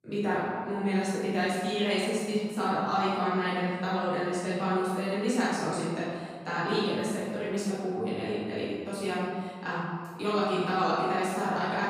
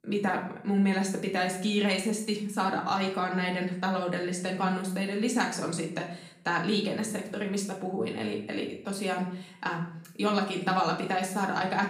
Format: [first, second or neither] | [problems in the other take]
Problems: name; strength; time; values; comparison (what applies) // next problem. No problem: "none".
second | room echo; strong; dies away in 1.7 s; slight in the second // off-mic speech; far; far in the second